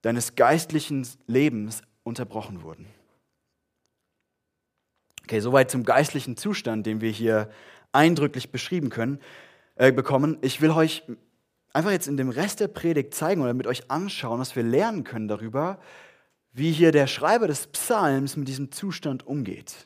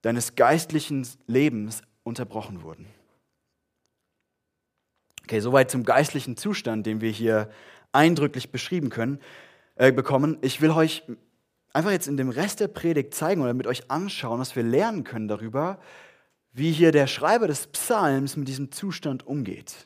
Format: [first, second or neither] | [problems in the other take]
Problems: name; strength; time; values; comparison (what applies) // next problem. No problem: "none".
neither | none